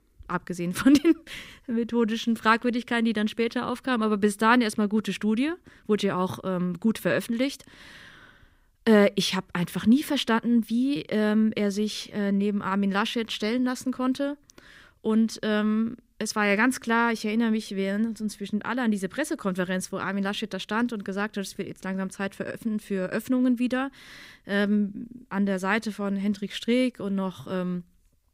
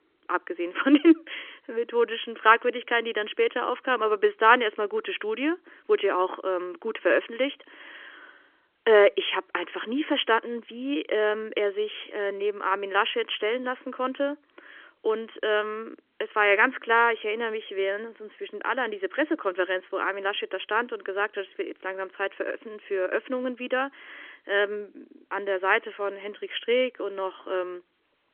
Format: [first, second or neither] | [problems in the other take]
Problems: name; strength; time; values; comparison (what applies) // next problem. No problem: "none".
first | phone-call audio; nothing above 3.5 kHz